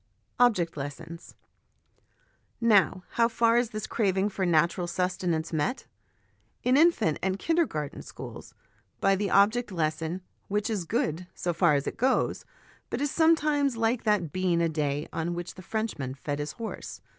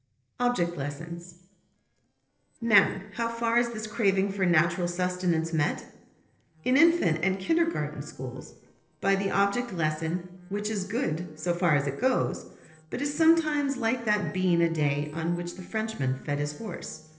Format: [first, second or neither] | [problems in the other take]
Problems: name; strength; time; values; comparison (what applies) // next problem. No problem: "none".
first | noise reduction (neural separator model SepFormer DNS4)